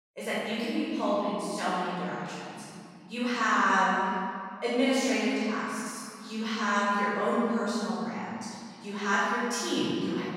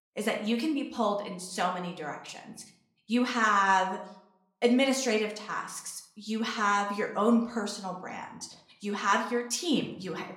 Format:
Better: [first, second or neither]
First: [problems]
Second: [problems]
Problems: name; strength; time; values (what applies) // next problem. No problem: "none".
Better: second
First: room echo; strong; dies away in 2.3 s // off-mic speech; far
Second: room echo; slight; dies away in 0.5 s // off-mic speech; somewhat distant